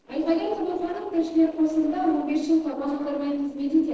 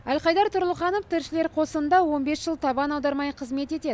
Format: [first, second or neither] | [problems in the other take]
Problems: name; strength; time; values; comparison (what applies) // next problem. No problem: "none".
second | noise reduction (neural separator model SepFormer DNS4)